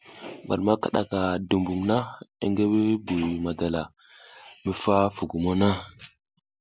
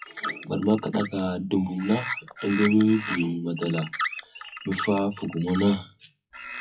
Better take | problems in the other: first | noise reduction (classical method WPE with log-MMSE)

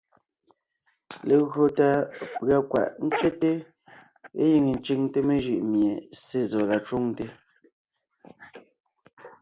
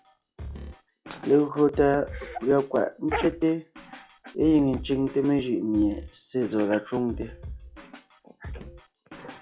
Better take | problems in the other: first | noise reduction (classical method log-MMSE)

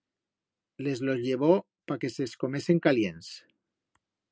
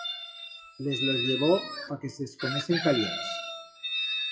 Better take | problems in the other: first | noise reduction (classical method WPE with log-MMSE)

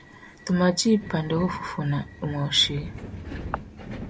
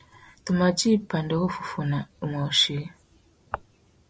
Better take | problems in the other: second | background sound (Subway, metro, underground); 13 dB below the speech

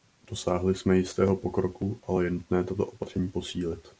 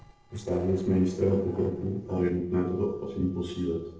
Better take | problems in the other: first | noise reduction (neural separator model SepFormer DNS4)

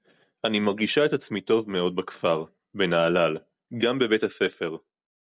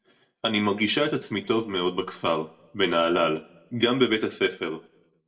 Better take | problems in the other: first | room echo; dies away in 0.4 s

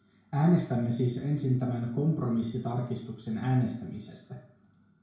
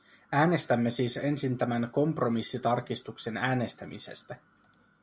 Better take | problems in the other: second | room echo; dies away in 0.6 s

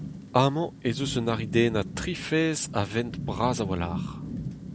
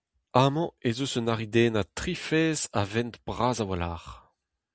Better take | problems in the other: second | background sound (Rain / Thunderstorm); 8 dB below the speech

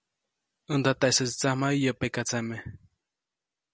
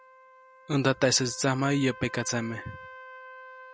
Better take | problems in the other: first | background sound (Trumpet); 18 dB below the speech

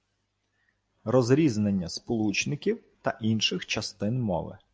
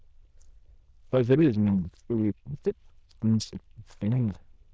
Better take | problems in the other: first | noise reduction (neural diffusion model UNIVERSE++)

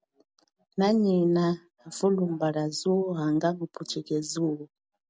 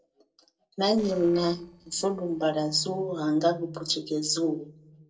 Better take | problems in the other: first | noise reduction (neural separator model SepFormer DNS4)

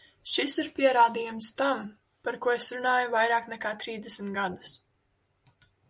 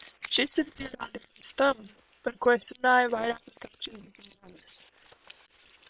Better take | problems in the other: first | noise reduction (neural separator model SepFormer WHAM!)

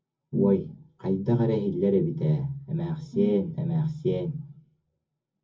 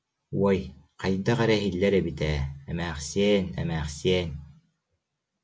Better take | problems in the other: second | background sound (Brass instrument); 8 dB below the speech // room echo; dies away in 0.4 s

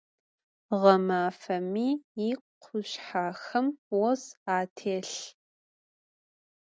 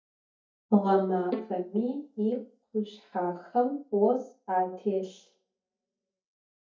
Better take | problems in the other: first | noise reduction (neural mask model DeepFilterNet 3)

